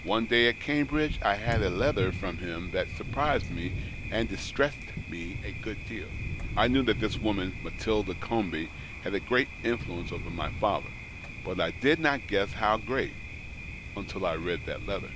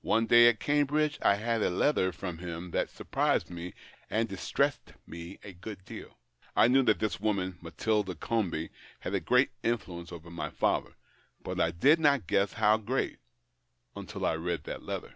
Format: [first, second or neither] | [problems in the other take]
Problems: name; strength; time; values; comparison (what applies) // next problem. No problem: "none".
second | background sound (Thunder); 6 dB below the speech